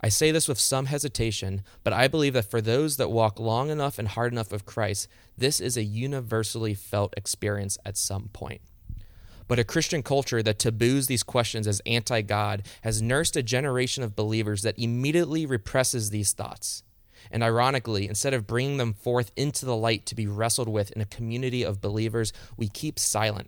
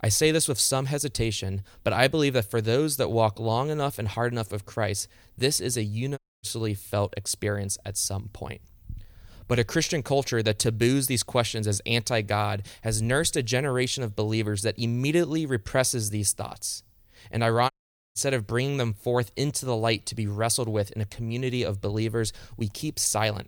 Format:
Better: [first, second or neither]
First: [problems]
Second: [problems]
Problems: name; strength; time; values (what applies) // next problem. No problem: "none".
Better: first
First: none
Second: audio cutting out; at 6 s and at 18 s